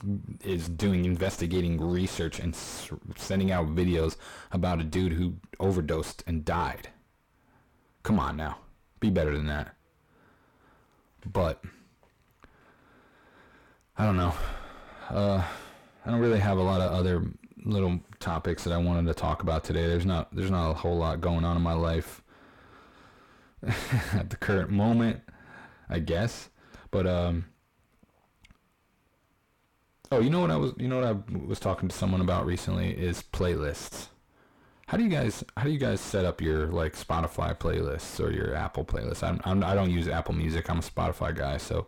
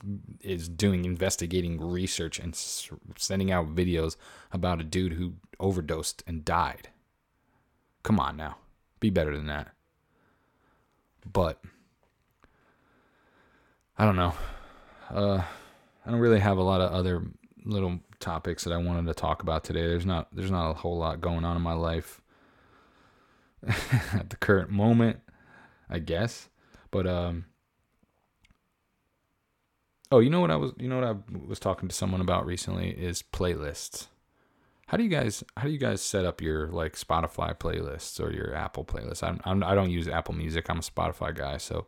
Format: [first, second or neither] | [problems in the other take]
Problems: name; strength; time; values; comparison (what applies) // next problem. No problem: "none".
second | distortion; heavy; 6 dB below the speech